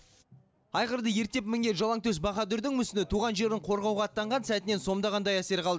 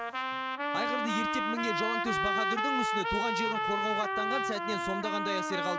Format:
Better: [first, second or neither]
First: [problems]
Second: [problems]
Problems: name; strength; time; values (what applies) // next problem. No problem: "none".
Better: first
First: none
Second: background sound (Trumpet); 4 dB above the speech